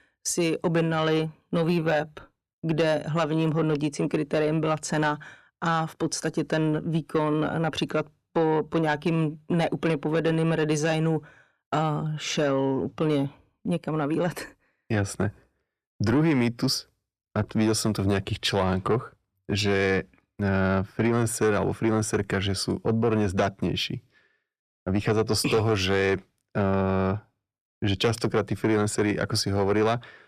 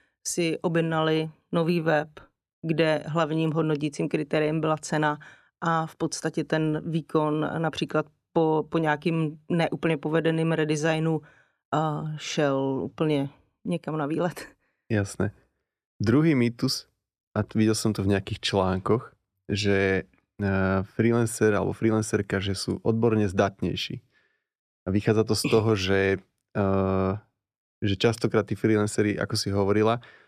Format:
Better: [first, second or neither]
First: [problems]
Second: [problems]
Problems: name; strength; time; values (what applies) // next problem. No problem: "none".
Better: second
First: distortion; slight; 10 dB below the speech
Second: none